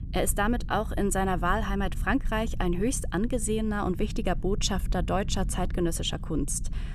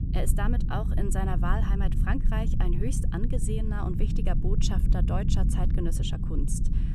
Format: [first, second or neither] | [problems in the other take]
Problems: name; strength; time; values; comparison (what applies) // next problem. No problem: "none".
first | low rumble; loud; throughout; 5 dB below the speech; faint in the first